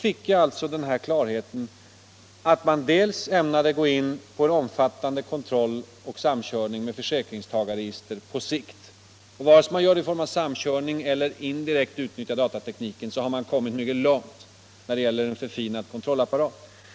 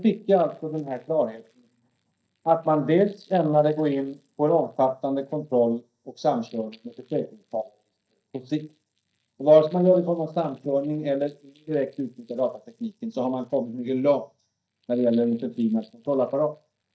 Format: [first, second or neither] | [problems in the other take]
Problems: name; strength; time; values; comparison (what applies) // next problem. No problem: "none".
first | noise reduction (neural mask model DeepFilterNet 3)